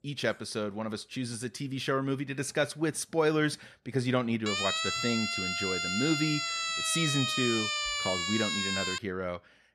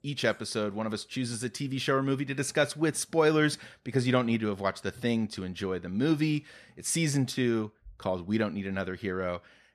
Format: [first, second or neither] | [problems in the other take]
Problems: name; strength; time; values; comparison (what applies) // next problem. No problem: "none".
second | siren; loud; from 4.5 to 9 s; peak 3 dB above the speech